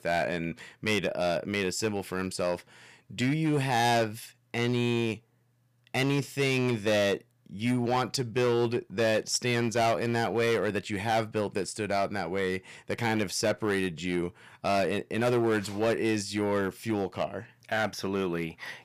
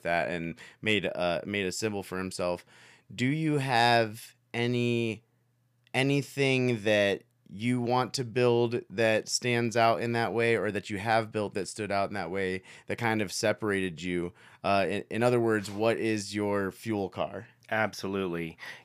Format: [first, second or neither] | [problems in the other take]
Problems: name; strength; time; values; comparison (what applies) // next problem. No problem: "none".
second | distortion; slight; 7% of the sound clipped